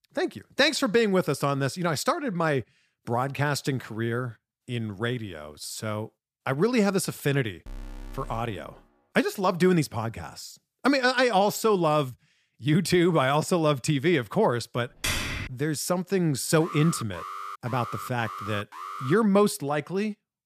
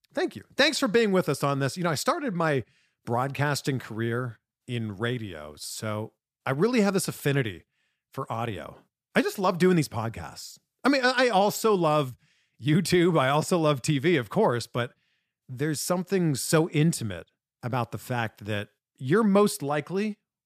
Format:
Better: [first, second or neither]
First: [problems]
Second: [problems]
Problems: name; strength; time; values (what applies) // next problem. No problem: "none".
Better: second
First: alarm; faint; from 7.5 to 8.5 s and from 17 to 19 s; peak 10 dB below the speech // keyboard typing; noticeable; at 15 s; peak 1 dB below the speech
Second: none